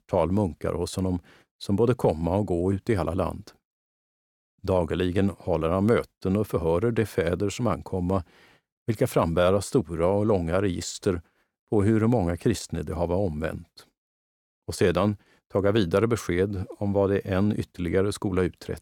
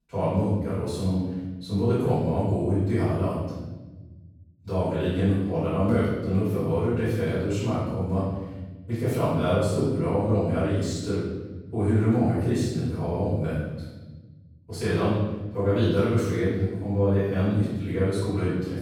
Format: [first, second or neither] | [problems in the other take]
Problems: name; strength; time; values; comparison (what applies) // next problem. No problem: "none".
first | off-mic speech; far // room echo; strong; dies away in 1.5 s